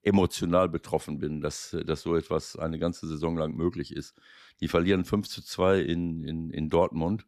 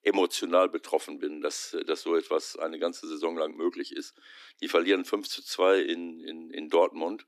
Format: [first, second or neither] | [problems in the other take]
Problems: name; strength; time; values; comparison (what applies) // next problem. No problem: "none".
first | thin; somewhat; fading below 300 Hz